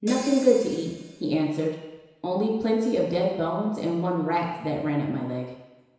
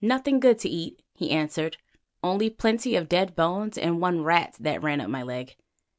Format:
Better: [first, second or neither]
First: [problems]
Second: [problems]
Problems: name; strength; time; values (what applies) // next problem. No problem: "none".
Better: second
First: background sound (Hi-hat); 17 dB below the speech // room echo; dies away in 1 s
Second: none